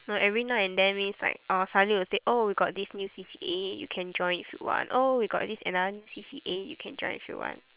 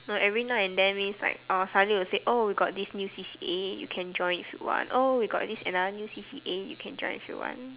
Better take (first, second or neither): second